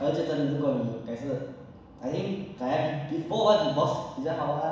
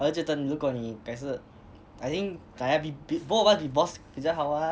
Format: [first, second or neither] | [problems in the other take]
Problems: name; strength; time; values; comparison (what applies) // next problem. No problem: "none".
second | room echo; dies away in 1.1 s